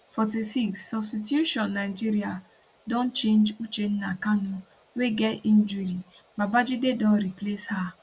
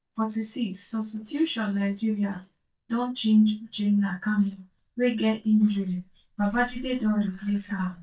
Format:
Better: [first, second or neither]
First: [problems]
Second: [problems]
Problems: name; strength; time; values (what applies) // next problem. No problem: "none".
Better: first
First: none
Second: noise reduction (neural mask model DeepFilterNet 3)